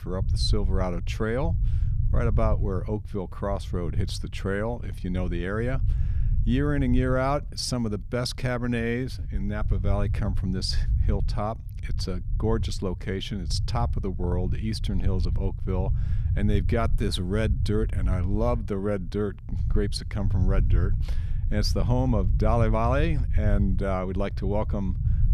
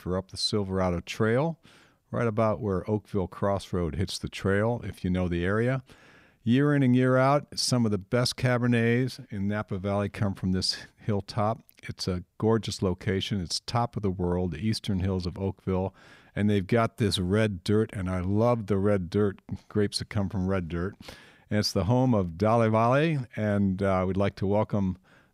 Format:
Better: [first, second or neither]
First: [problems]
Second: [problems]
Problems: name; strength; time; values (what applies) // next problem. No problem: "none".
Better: second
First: low rumble; noticeable; throughout; 15 dB below the speech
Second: none